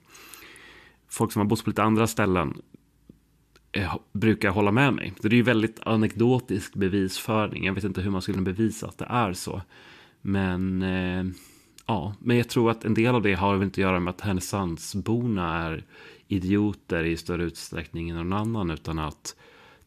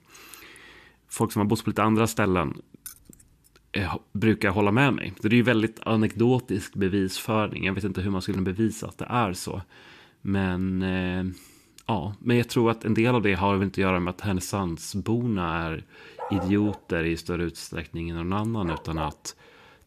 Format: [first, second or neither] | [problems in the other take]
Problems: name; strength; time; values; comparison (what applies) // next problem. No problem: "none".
first | jangling keys; faint; at 3 s; peak 15 dB below the speech // dog barking; noticeable; from 16 to 19 s; peak 10 dB below the speech